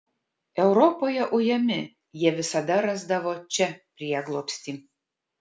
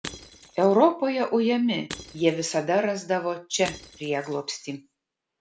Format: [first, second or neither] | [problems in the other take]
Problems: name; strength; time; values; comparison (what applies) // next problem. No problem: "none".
first | background sound (Shatter / Crushing); 19 dB below the speech